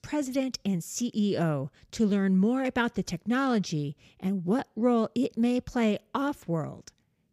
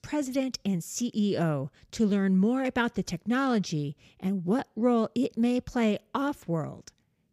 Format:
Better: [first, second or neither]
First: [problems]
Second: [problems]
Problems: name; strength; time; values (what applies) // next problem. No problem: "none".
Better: neither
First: none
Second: none